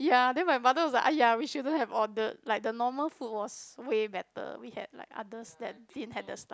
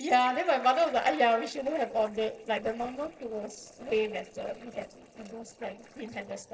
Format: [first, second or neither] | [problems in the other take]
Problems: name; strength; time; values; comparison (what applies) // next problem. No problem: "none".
first | noise reduction (neural separator model SepFormer DNS4)